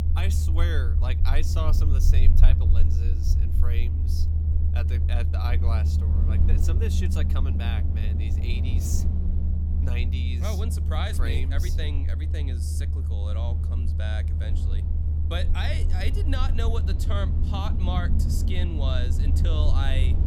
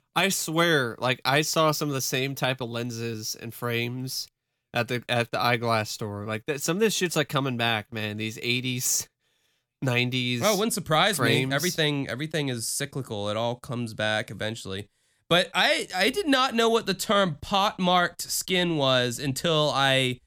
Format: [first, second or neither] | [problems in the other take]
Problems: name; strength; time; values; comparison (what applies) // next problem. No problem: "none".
second | low rumble; loud; throughout; 4 dB below the speech